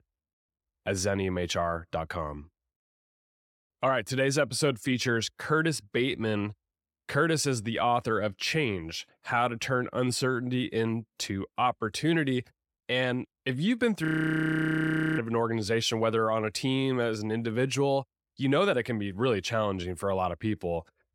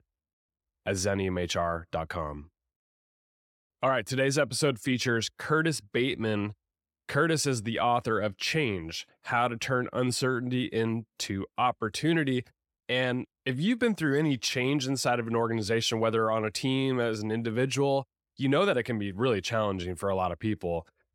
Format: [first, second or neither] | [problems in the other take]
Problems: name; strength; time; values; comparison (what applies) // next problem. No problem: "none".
second | audio freezing; at 14 s for 1 s